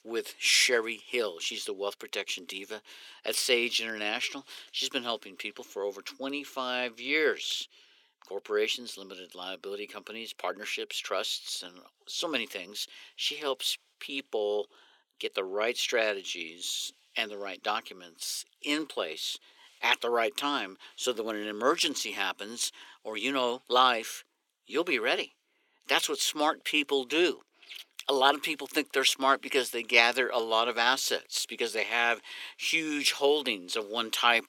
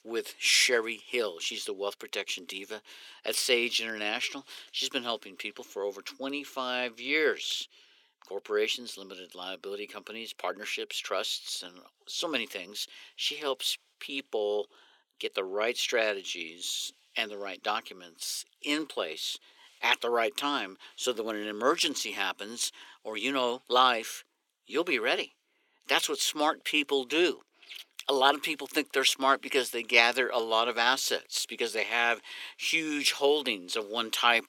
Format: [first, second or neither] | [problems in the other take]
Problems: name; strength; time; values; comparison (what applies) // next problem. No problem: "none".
neither | thin; very; fading below 400 Hz; the same in both